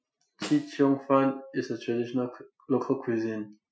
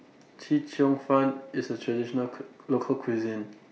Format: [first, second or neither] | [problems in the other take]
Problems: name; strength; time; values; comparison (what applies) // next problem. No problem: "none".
second | noise reduction (classical method Wiener filter)